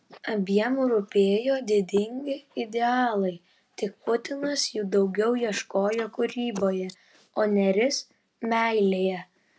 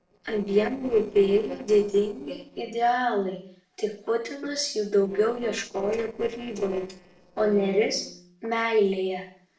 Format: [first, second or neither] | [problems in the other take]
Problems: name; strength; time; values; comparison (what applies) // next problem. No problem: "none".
first | noise reduction (neural separator model SepFormer DNS4)